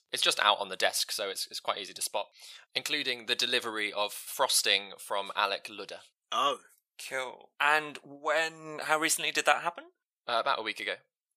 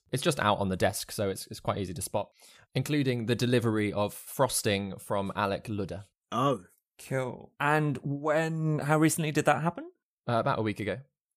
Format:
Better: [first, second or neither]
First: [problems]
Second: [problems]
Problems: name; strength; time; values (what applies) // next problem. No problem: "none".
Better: second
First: thin; very; fading below 650 Hz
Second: none